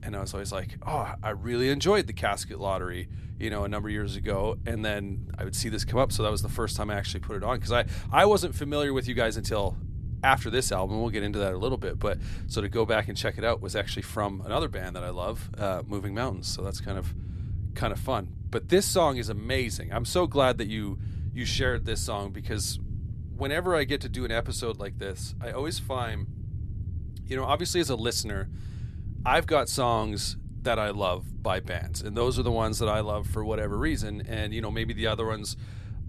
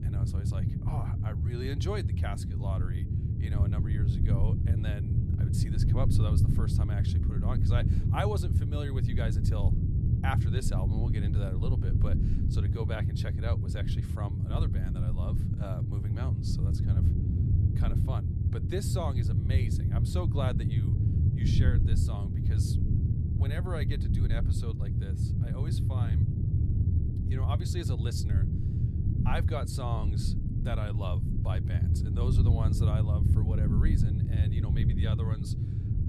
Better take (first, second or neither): first